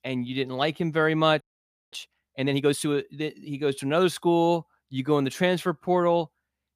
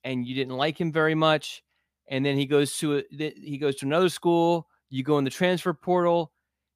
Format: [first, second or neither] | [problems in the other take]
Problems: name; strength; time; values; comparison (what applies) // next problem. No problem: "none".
second | audio freezing; at 1.5 s for 0.5 s